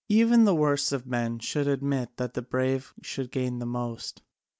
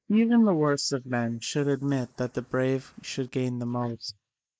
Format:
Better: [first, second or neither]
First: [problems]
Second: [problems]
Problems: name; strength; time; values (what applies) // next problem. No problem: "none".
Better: first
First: none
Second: noise reduction (neural mask model Resemble Enhance denoiser)